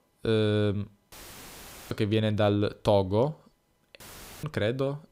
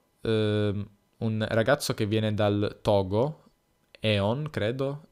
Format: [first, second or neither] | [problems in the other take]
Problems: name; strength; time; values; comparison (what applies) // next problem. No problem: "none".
second | audio cutting out; filled with static; at 1 s for 1 s and at 4 s